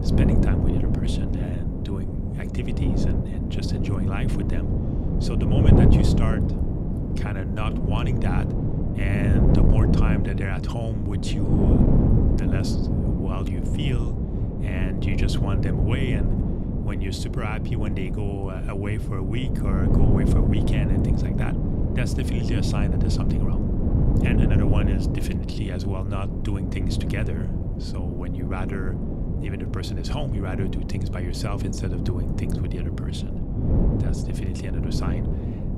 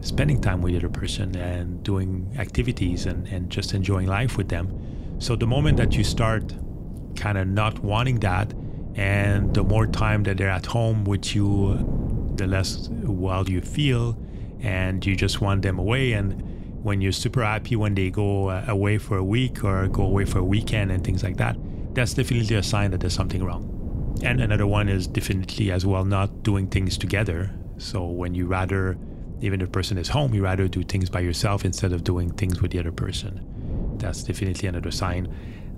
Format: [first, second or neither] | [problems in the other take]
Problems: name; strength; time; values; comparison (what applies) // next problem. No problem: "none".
second | wind noise on the microphone; heavy; 2 dB above the speech; occasional gusts in the second